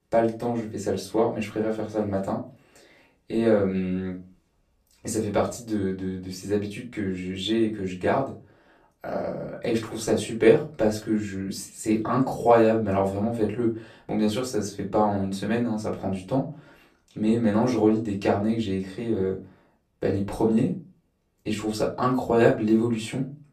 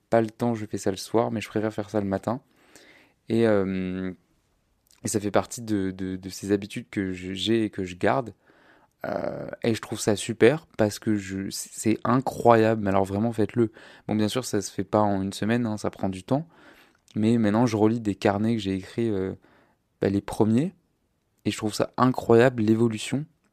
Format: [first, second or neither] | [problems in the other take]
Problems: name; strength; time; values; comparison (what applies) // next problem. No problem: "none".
second | off-mic speech; far // room echo; slight; dies away in 0.3 s